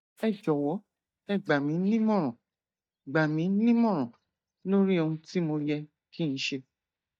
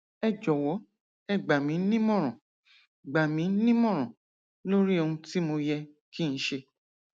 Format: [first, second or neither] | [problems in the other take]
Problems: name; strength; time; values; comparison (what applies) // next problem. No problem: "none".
second | noise reduction (neural mask model DeepFilterNet 3)